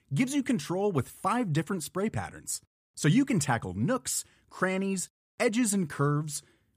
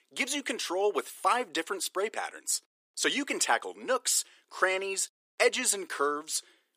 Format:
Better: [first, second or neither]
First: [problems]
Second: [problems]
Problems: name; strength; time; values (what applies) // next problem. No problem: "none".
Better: first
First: none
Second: thin; very; fading below 350 Hz